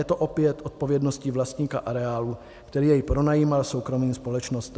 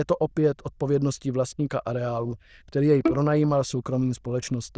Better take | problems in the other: first | noise reduction (neural diffusion model UNIVERSE++)

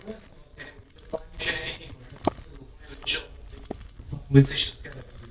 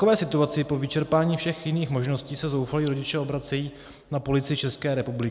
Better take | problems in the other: second | noise reduction (neural mask model DeepFilterNet 3)

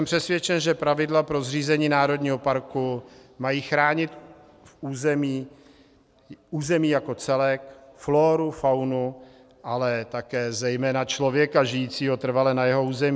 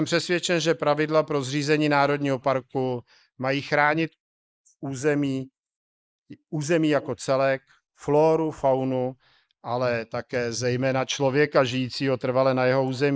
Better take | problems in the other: first | noise reduction (neural mask model Resemble Enhance denoiser)

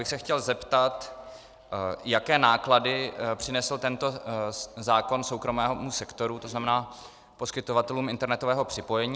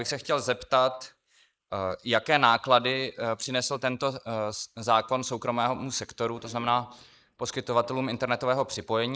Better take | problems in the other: first | noise reduction (neural mask model Resemble Enhance denoiser)

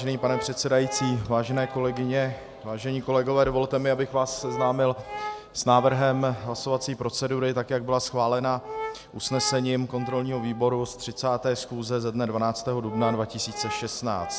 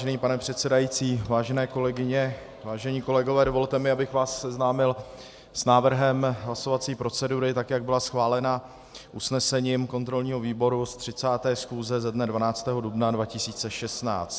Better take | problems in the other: second | background sound (Brass instrument); 13 dB below the speech

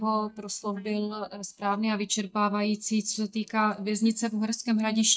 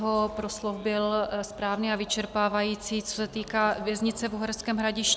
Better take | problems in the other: second | noise reduction (neural mask model DeepFilterNet 3)

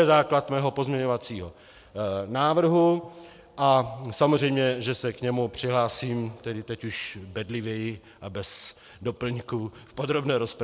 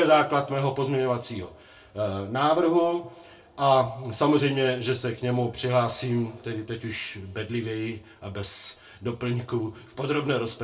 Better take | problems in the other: first | room echo; dies away in 0.2 s

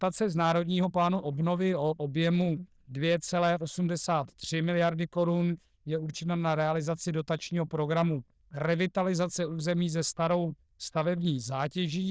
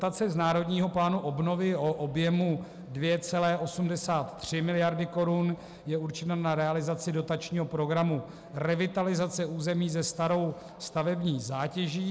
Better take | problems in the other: second | noise reduction (neural diffusion model UNIVERSE++)

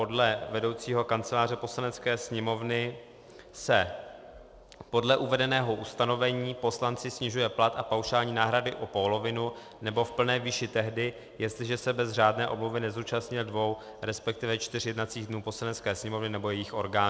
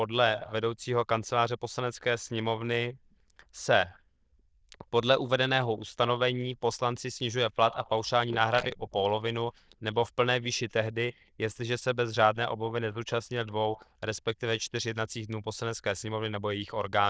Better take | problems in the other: first | noise reduction (neural diffusion model UNIVERSE++)

